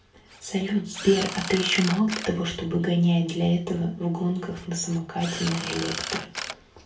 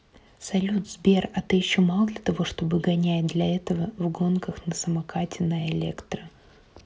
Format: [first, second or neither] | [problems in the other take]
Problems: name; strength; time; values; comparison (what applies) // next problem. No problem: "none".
second | background sound (Drill); 11 dB below the speech // room echo; dies away in 0.3 s